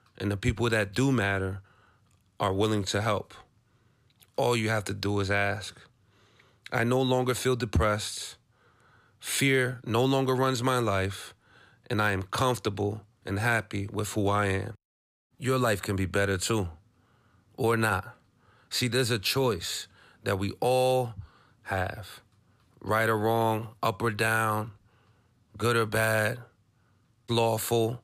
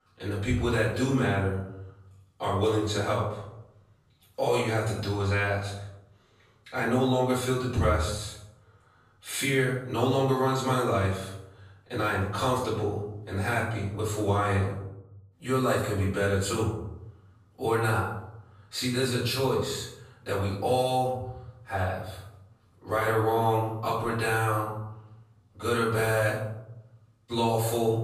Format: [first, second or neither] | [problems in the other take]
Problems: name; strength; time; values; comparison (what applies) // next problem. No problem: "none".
first | off-mic speech; far // room echo; noticeable; dies away in 0.7 s